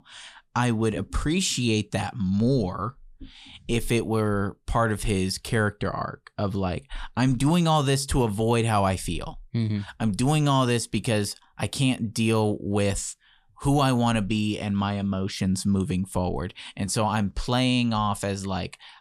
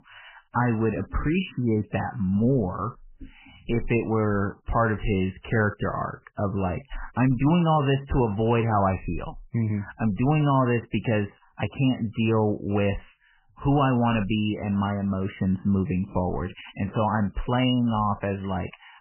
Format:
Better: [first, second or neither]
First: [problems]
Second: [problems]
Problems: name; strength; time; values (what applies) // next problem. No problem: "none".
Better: first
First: none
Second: garbled, watery; badly; nothing above 3 kHz